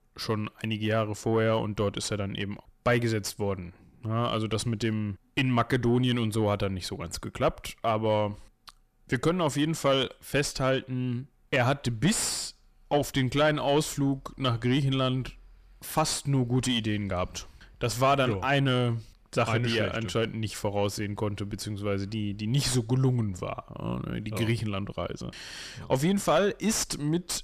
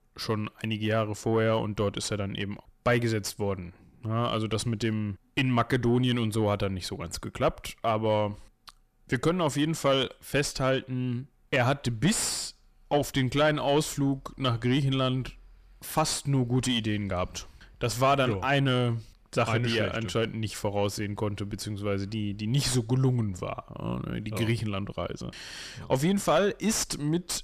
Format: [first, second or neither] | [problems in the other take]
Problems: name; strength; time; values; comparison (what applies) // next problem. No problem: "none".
neither | distortion; slight; 10 dB below the speech; the same in both